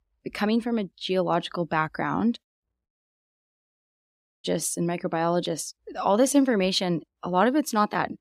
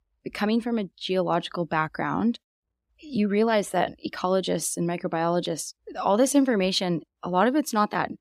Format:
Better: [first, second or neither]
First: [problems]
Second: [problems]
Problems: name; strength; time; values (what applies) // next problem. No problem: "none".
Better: second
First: audio cutting out; at 3 s for 1.5 s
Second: none